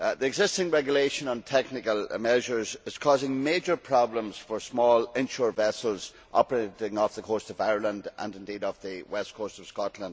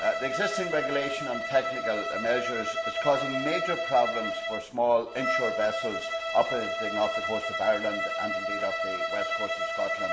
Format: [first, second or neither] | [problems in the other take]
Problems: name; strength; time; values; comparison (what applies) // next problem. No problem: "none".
first | background sound (Bowed string instrument); 1 dB below the speech // room echo; dies away in 0.7 s